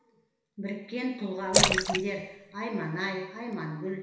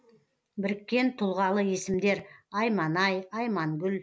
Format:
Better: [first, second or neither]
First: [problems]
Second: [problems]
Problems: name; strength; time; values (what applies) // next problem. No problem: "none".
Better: second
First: background sound (Splash, splatter); 4 dB above the speech // room echo; dies away in 1.1 s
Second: none